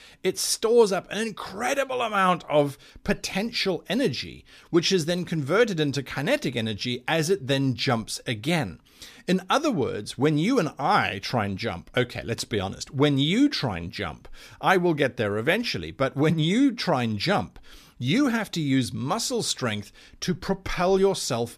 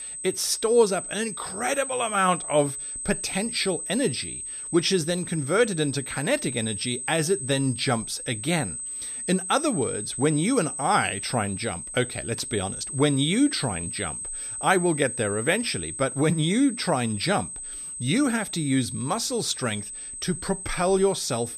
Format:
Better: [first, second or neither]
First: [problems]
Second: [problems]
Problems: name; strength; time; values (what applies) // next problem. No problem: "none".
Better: first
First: none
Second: high-pitched whine; loud; throughout; 8 kHz, 7 dB below the speech